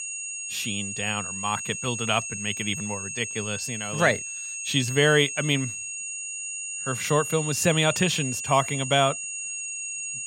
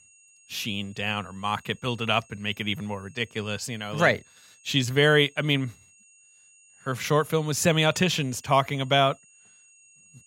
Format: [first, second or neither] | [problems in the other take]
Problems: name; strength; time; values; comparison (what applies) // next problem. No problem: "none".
second | high-pitched whine; loud; throughout; 7 kHz, 5 dB below the speech; faint in the second